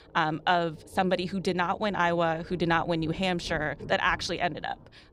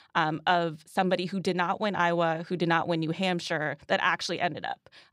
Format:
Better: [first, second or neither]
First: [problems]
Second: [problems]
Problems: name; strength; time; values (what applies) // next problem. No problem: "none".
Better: second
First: rain or running water; noticeable; throughout; 20 dB below the speech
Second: none